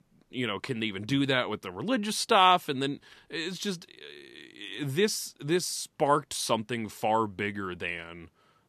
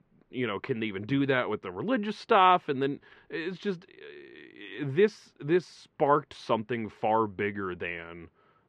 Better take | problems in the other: first | muffled; very; fading above 2 kHz

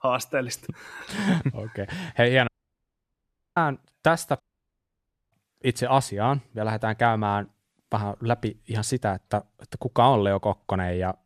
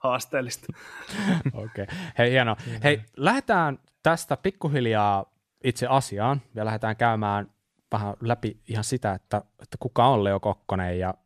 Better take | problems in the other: second | audio cutting out; at 2.5 s for 1 s and at 4.5 s for 1 s

